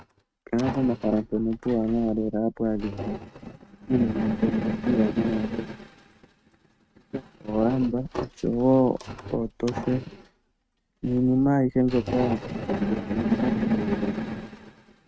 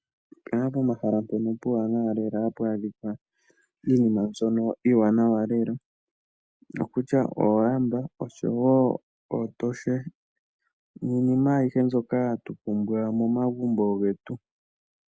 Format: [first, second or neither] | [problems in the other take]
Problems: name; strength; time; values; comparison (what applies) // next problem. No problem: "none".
second | noise reduction (neural mask model RNNoise)